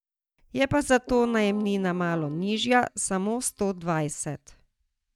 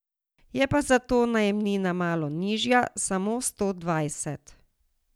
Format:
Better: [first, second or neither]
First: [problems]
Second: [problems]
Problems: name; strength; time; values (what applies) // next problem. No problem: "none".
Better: second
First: noise reduction (neural mask model DeepFilterNet 3)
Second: none